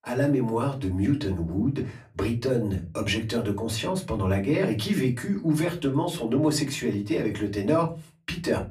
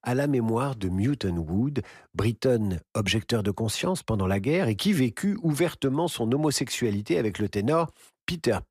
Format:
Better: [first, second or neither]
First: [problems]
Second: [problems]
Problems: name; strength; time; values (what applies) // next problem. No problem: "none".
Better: second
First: off-mic speech; far // room echo; very slight; dies away in 0.3 s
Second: none